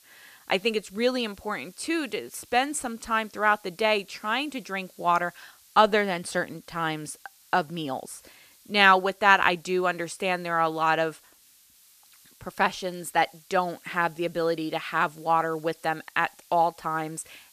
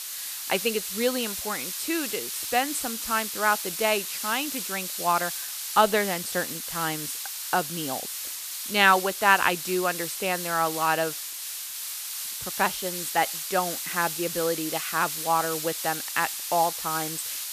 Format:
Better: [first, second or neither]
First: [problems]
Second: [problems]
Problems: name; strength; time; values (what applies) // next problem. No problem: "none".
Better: first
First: hiss; faint; throughout; 30 dB below the speech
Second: hiss; loud; throughout; 4 dB below the speech